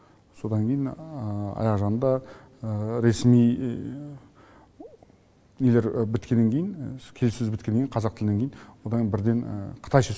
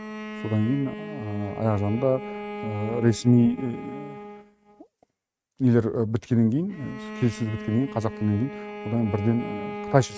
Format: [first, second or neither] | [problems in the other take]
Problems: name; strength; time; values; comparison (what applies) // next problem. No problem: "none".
first | noise reduction (neural mask model RNNoise)